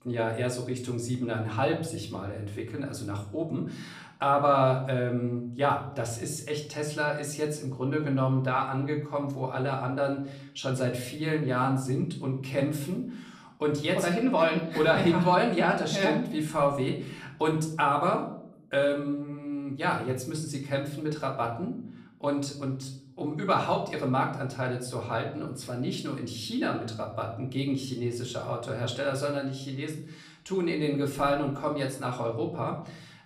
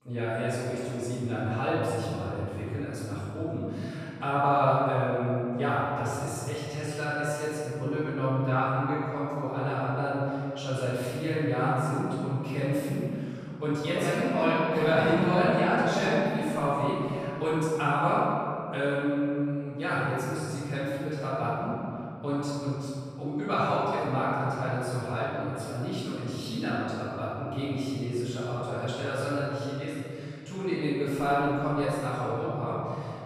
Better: first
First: room echo; slight; dies away in 0.6 s // off-mic speech; somewhat distant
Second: room echo; strong; dies away in 2.8 s // off-mic speech; far

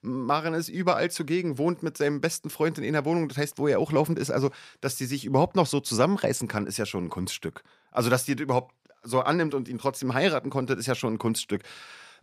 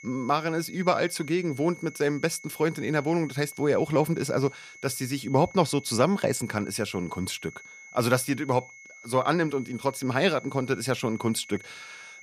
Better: first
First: none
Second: high-pitched whine; noticeable; throughout; 2 kHz, 20 dB below the speech

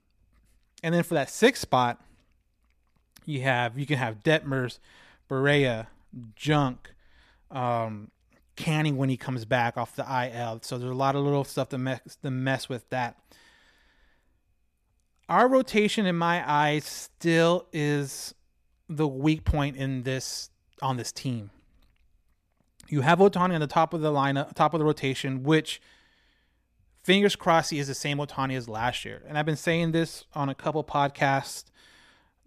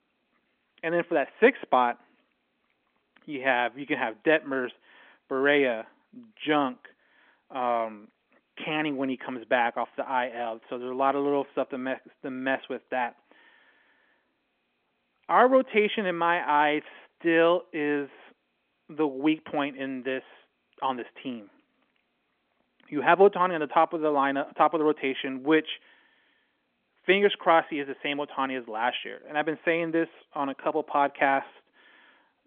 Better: first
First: none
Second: phone-call audio; nothing above 3.5 kHz

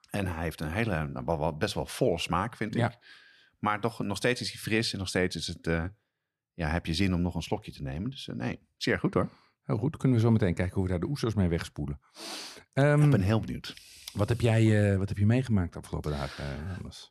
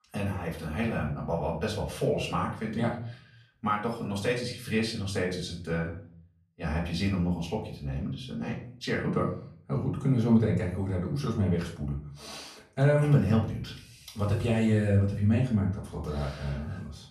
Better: first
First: none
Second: off-mic speech; far // room echo; slight; dies away in 0.4 s

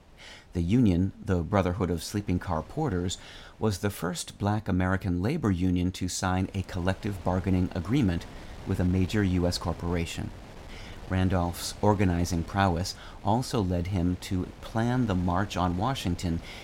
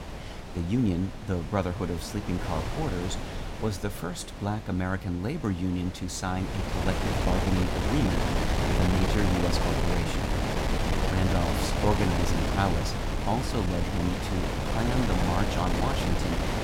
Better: first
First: wind noise on the microphone; occasional gusts; 20 dB below the speech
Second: wind noise on the microphone; heavy; 2 dB above the speech

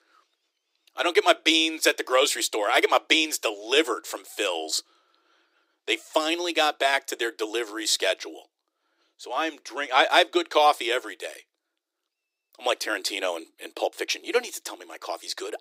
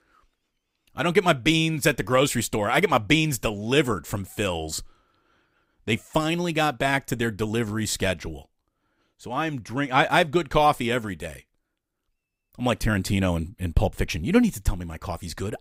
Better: second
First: thin; very; fading below 300 Hz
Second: none

